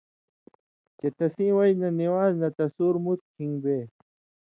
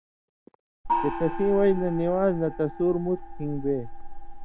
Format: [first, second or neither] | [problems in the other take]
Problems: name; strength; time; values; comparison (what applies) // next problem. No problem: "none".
first | background sound (Gong); 5 dB below the speech